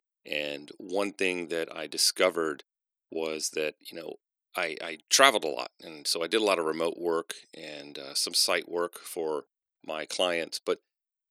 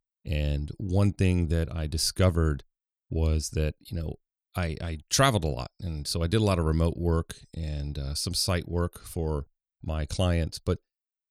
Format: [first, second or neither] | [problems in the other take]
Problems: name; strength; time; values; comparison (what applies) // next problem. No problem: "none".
second | thin; very; fading below 350 Hz